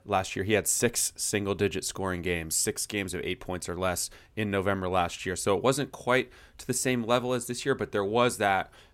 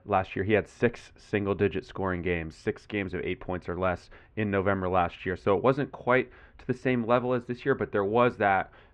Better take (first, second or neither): first